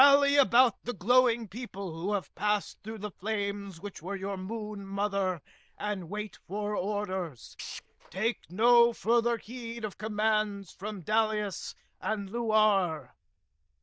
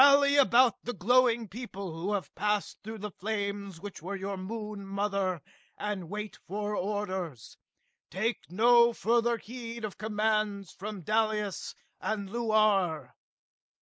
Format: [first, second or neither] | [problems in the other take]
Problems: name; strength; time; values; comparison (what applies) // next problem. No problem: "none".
second | noise reduction (neural diffusion model UNIVERSE++)